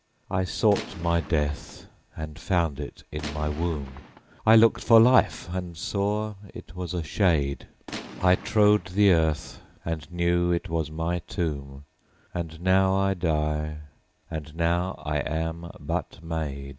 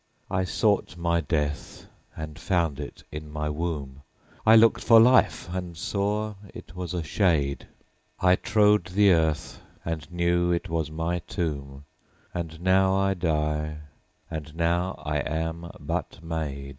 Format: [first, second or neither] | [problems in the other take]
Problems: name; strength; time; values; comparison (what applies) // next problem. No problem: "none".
second | background sound (Gunshot, gunfire); 15 dB below the speech